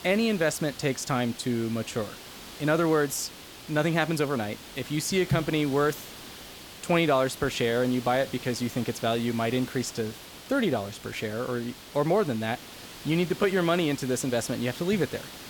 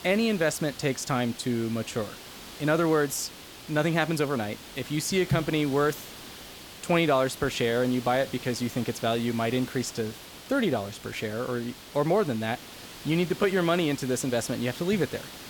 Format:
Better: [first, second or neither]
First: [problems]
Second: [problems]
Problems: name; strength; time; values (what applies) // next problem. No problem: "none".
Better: neither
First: hiss; noticeable; throughout; 15 dB below the speech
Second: hiss; noticeable; throughout; 15 dB below the speech